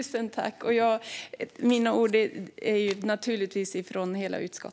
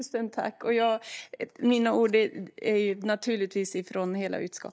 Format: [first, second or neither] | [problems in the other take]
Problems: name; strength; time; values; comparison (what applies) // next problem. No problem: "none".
first | noise reduction (neural mask model DeepFilterNet 3)